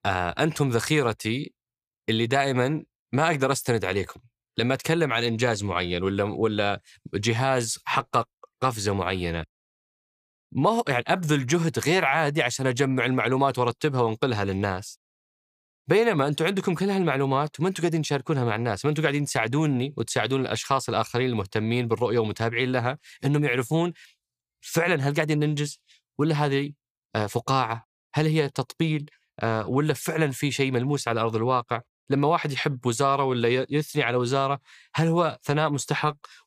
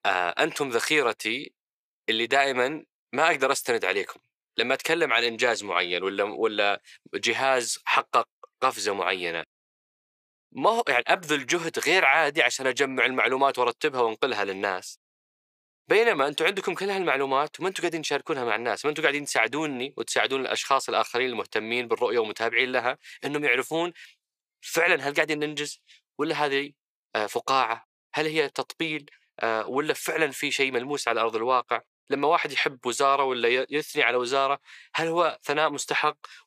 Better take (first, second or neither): first